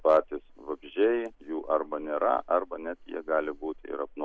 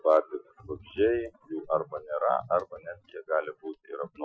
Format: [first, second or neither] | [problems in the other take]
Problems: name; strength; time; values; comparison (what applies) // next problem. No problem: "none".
first | noise reduction (classical method Wiener filter)